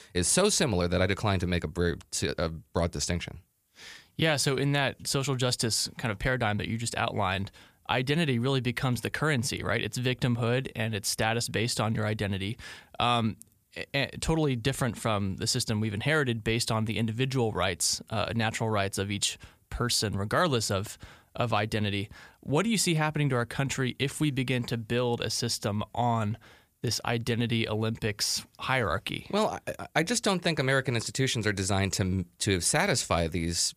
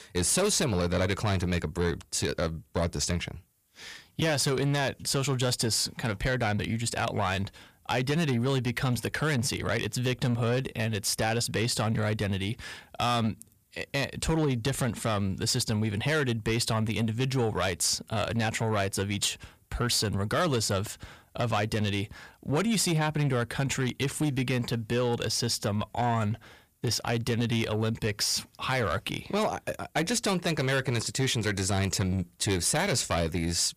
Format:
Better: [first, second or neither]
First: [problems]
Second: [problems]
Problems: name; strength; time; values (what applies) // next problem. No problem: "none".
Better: first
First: none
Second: distortion; slight; 10 dB below the speech